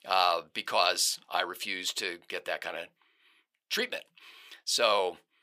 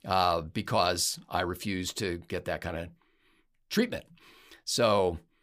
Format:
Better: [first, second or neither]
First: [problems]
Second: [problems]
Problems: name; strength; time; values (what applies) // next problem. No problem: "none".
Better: second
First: thin; very; fading below 550 Hz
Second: none